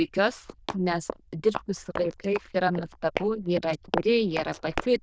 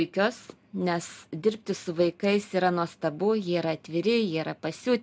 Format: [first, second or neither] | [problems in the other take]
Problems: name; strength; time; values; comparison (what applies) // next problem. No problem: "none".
second | noise reduction (neural diffusion model UNIVERSE++)